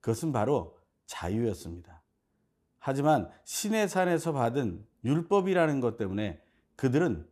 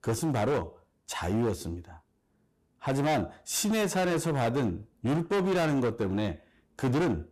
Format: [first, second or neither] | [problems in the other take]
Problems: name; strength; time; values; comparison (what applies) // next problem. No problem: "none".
first | distortion; heavy; 17% of the sound clipped